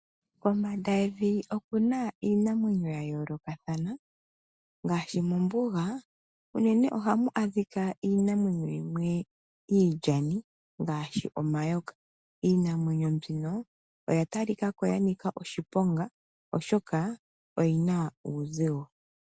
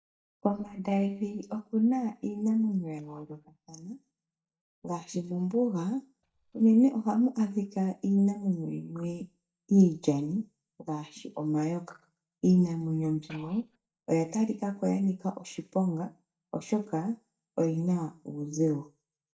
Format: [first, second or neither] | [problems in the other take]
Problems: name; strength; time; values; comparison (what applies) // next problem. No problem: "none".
first | noise reduction (neural mask model DeepFilterNet 3)